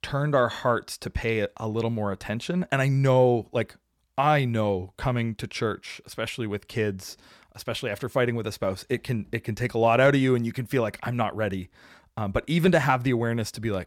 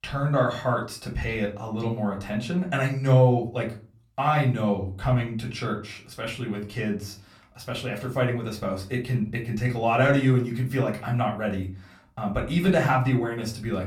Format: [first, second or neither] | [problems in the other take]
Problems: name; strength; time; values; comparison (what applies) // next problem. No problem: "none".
first | off-mic speech; far // room echo; very slight; dies away in 0.3 s